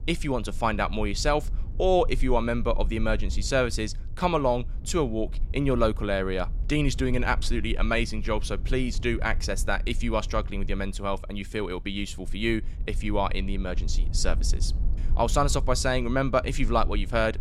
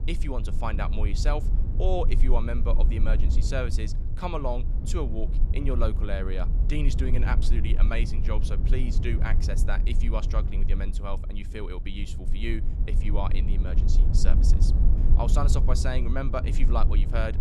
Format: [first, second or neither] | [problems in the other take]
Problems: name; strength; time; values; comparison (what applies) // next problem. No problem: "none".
first | low rumble; loud; throughout; 9 dB below the speech; faint in the first